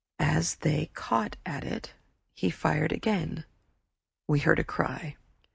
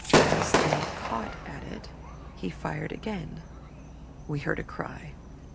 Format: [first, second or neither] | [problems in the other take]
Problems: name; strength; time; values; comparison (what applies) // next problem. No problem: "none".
first | background sound (Gunshot, gunfire / Fireworks); 5 dB above the speech